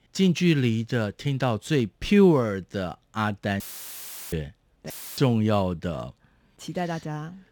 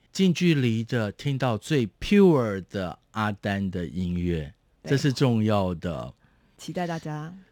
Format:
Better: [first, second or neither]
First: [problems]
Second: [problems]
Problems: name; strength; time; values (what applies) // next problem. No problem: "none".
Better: second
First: audio cutting out; filled with static; at 3.5 s for 0.5 s and at 5 s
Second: none